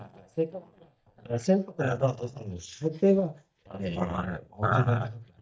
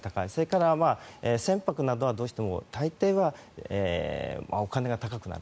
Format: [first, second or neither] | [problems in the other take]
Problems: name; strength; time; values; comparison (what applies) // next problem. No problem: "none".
second | noise reduction (neural mask model DeepFilterNet 3)